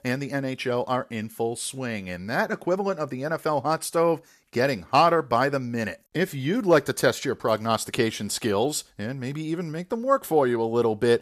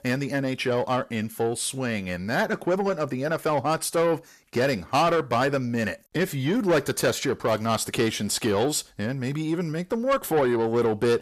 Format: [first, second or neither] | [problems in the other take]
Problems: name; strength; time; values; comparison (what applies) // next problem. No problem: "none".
first | distortion; slight; 10 dB below the speech